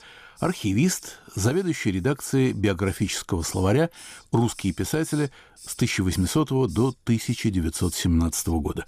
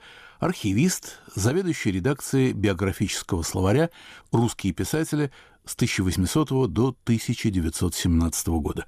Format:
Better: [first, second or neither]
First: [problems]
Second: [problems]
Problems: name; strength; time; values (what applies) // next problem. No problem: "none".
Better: second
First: hiss; faint; throughout; 20 dB below the speech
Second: none